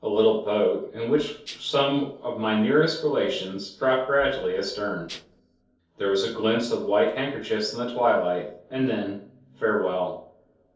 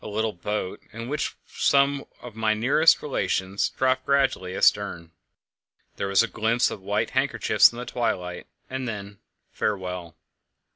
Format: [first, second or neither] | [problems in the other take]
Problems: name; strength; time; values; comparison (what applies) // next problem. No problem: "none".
second | noise reduction (neural separator model SepFormer DNS4)